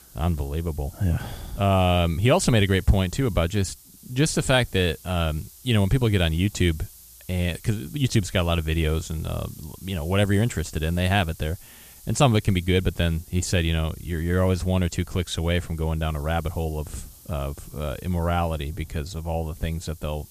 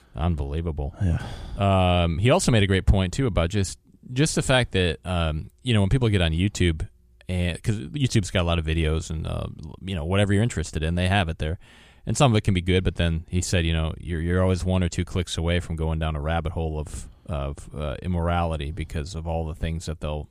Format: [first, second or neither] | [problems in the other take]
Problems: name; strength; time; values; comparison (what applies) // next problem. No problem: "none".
second | hiss; faint; throughout; 20 dB below the speech